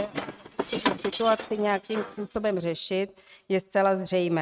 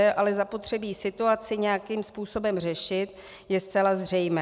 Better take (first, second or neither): second